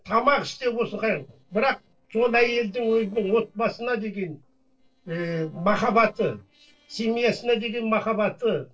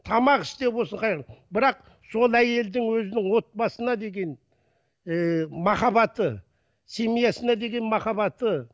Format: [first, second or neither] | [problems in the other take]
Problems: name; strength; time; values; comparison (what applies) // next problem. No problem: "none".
second | noise reduction (neural separator model SepFormer DNS4)